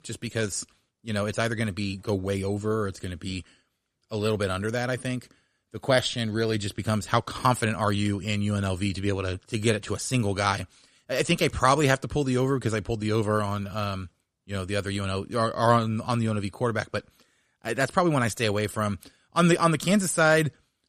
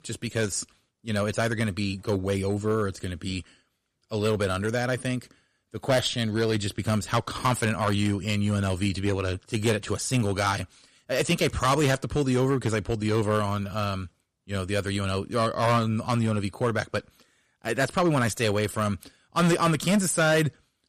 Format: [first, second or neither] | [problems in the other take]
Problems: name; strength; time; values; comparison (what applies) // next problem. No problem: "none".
first | distortion; slight; 4% of the sound clipped